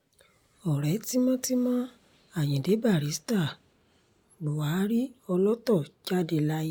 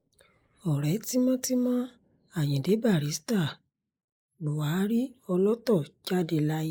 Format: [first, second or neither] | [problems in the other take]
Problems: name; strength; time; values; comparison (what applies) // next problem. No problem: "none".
first | noise reduction (neural mask model Resemble Enhance denoiser)